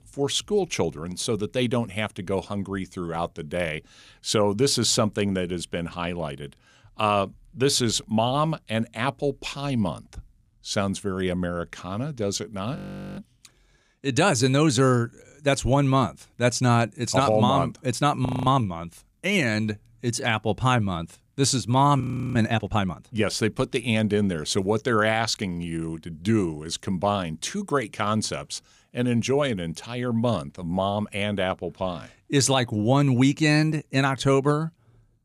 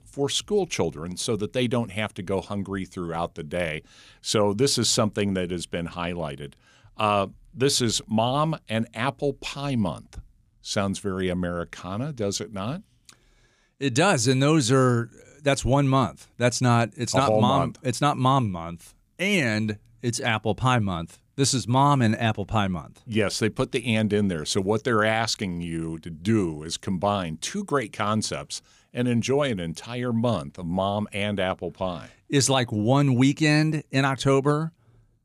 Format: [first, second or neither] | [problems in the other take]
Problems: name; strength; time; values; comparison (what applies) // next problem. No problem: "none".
second | audio freezing; at 13 s, at 18 s and at 22 s